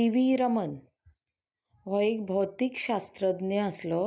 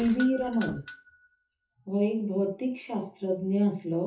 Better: first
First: none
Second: noise reduction (classical method WPE with log-MMSE)

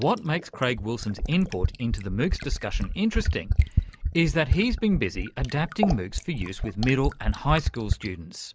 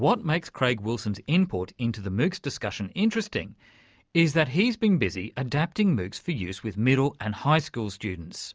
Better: second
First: background sound (Fill (with liquid)); 2 dB below the speech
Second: none

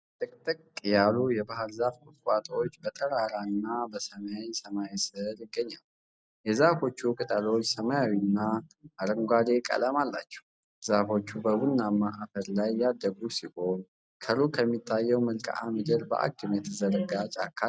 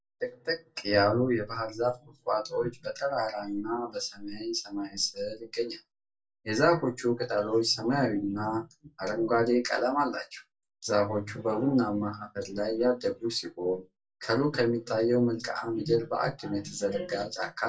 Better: first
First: none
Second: room echo; dies away in 0.2 s

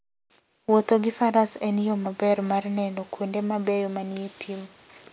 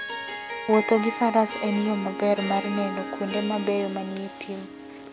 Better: first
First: none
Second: background sound (Harp); 8 dB below the speech

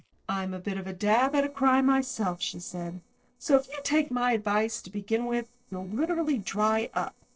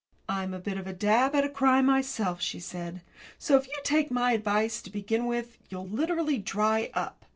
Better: second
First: noise reduction (neural separator model SepFormer DNS4)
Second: none

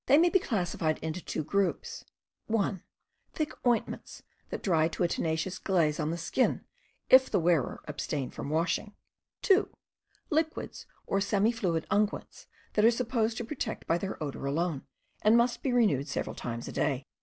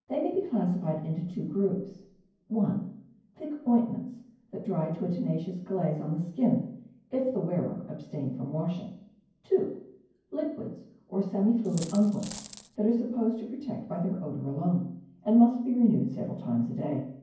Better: first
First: none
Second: background sound (Coin (dropping)); 15 dB below the speech // room echo; dies away in 0.9 s

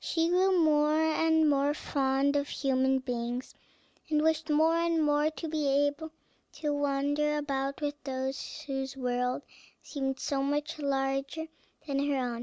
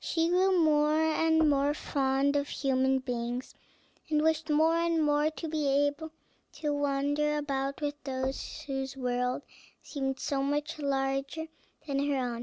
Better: first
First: none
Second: background sound (Knock / Wood); 19 dB below the speech

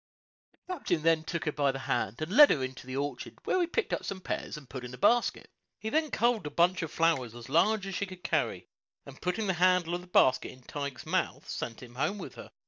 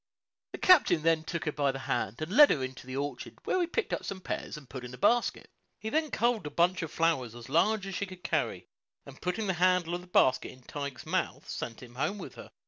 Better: second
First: noise reduction (neural mask model DeepFilterNet 3)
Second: none

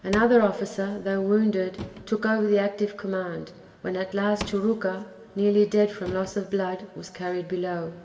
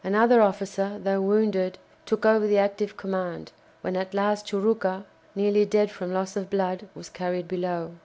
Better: second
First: background sound (Drawer open or close / Wood); 18 dB below the speech // room echo; dies away in 1.5 s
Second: none

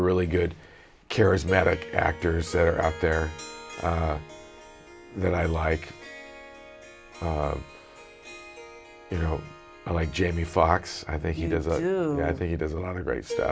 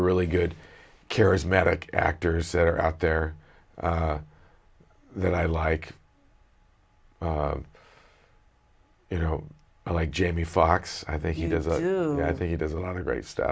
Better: second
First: background sound (Harp); 15 dB below the speech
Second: none

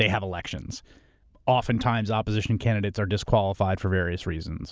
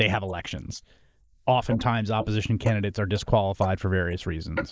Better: first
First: none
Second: noise reduction (neural mask model Resemble Enhance denoiser)

